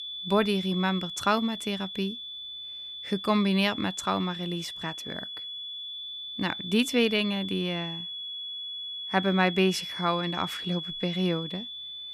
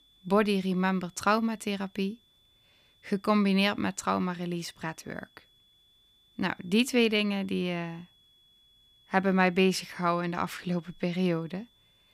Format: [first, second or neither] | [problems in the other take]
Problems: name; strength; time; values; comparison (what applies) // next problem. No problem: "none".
second | high-pitched whine; loud; throughout; 3.5 kHz, 7 dB below the speech; faint in the second